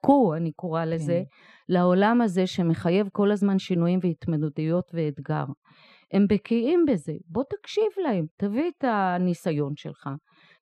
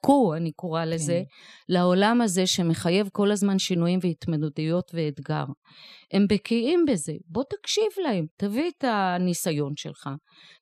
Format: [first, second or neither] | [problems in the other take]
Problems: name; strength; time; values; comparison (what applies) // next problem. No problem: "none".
second | muffled; slightly; fading above 3.5 kHz